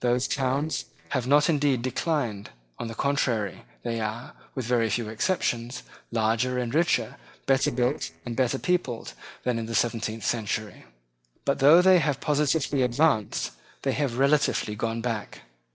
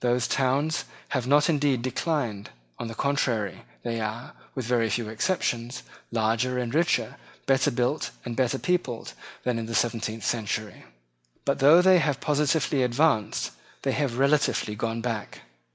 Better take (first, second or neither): second